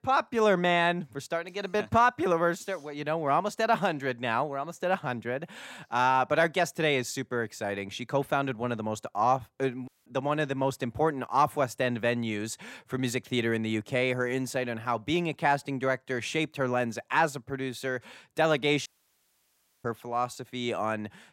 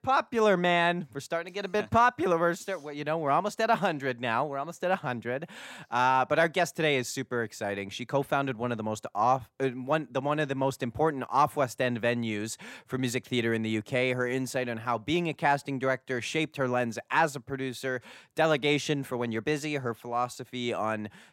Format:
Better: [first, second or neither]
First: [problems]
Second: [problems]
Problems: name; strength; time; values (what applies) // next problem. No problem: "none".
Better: second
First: audio cutting out; at 10 s and at 19 s for 1 s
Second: none